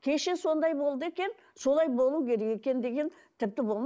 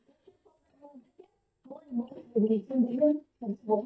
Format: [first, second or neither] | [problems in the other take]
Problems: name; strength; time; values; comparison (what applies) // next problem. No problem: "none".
first | noise reduction (neural mask model DeepFilterNet 3)